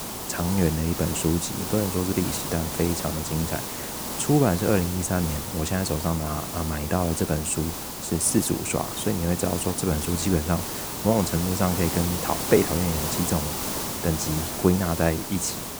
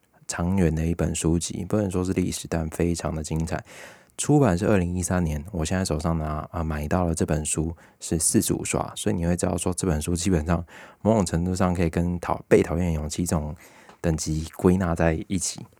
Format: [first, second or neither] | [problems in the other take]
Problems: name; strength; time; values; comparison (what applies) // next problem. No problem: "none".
second | hiss; loud; throughout; 4 dB below the speech